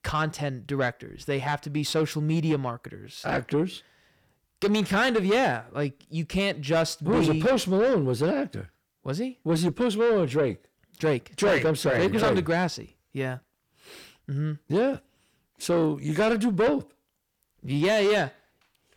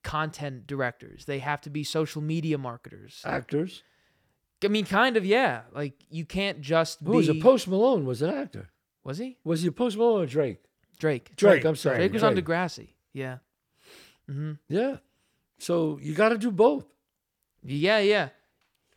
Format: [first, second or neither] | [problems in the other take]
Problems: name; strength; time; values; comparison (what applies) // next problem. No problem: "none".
second | distortion; heavy; 7 dB below the speech